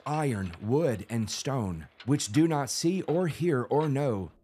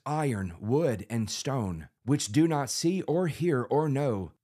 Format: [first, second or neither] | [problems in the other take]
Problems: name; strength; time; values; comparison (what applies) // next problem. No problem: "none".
second | machinery noise; faint; throughout; 25 dB below the speech